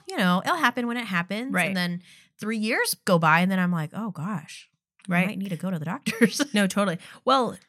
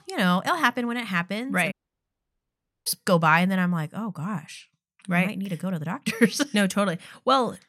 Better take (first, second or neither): first